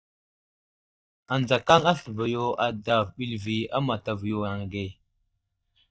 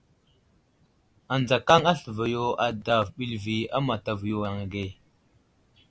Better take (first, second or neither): second